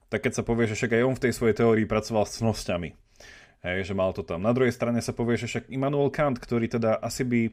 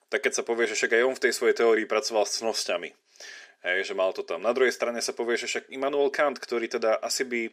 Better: first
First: none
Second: thin; somewhat; fading below 350 Hz

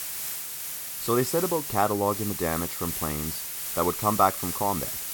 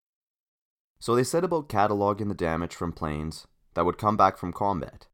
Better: second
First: hiss; loud; throughout; 3 dB below the speech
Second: none

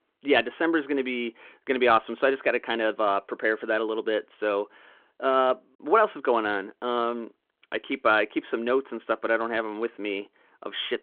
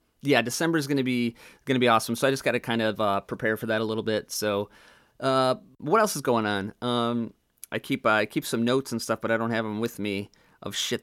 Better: second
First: phone-call audio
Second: none

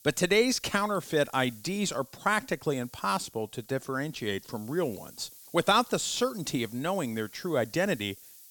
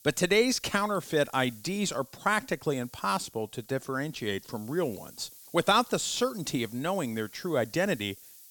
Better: neither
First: hiss; faint; throughout; 20 dB below the speech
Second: hiss; faint; throughout; 20 dB below the speech

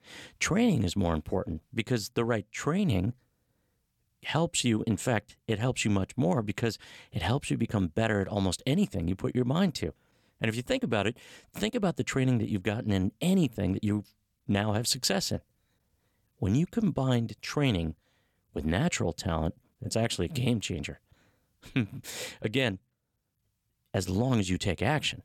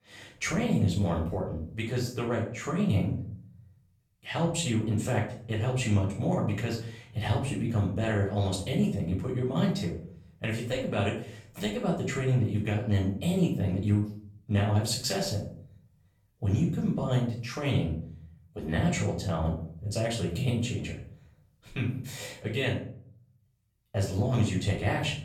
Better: first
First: none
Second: off-mic speech; far // room echo; noticeable; dies away in 0.5 s

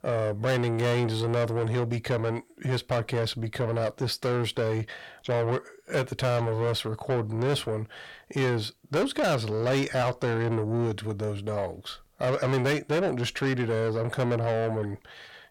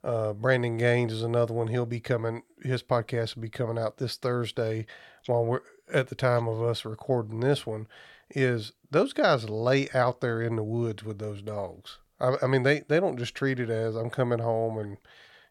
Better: second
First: distortion; heavy; 7 dB below the speech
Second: none

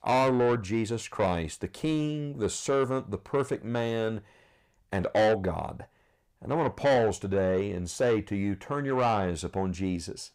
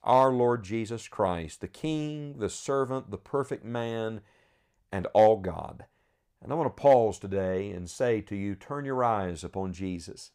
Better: second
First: distortion; heavy; 7 dB below the speech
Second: none

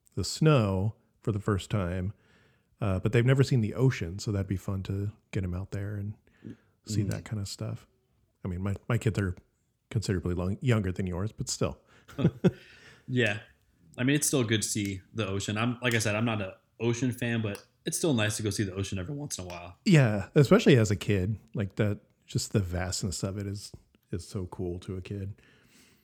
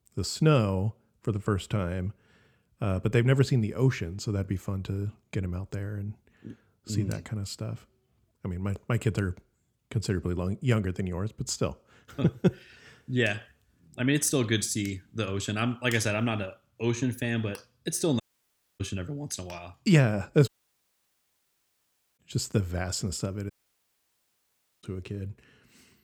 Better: first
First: none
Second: audio cutting out; at 18 s for 0.5 s, at 20 s for 1.5 s and at 24 s for 1.5 s

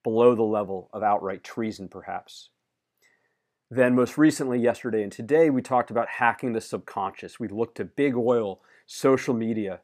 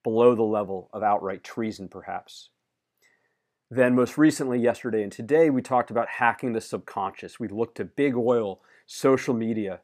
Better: neither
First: none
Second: none

